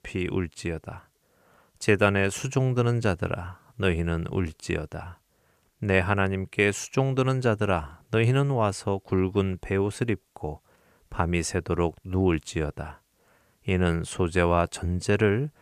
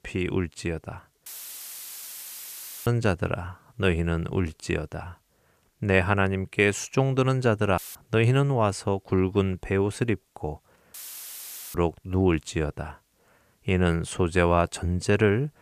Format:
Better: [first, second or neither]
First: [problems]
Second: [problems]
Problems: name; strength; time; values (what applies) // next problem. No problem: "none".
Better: first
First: none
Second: audio cutting out; filled with static; at 1.5 s for 1.5 s, at 8 s and at 11 s for 1 s